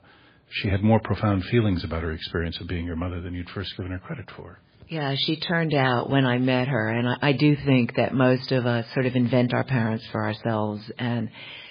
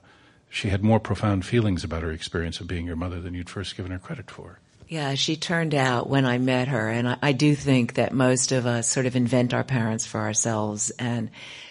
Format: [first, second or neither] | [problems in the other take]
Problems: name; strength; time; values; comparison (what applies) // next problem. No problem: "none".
second | garbled, watery; badly; nothing above 4 kHz; slightly in the second